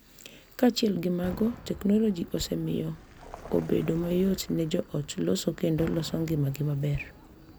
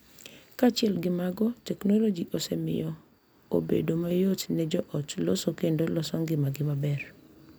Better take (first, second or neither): second